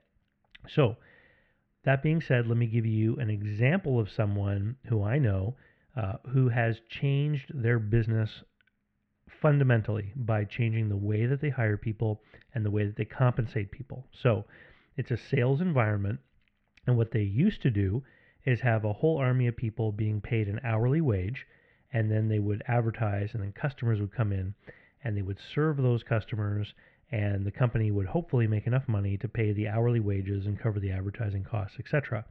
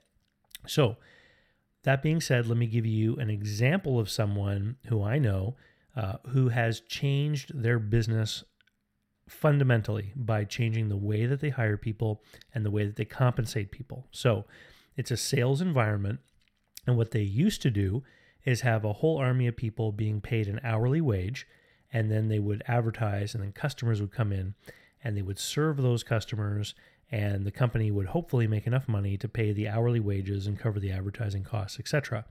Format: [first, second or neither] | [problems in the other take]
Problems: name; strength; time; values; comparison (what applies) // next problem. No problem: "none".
second | muffled; very; fading above 2.5 kHz